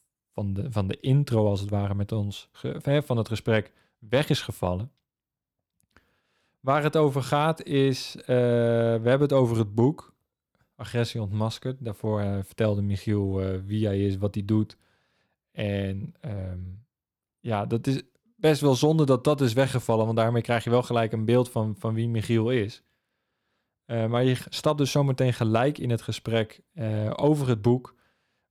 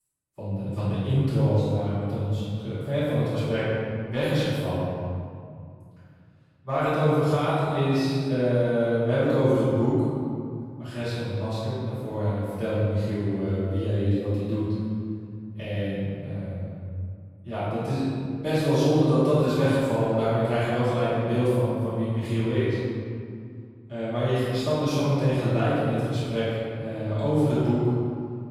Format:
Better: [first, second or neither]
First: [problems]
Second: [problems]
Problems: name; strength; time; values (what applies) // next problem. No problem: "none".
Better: first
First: none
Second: off-mic speech; far // room echo; strong; dies away in 2.1 s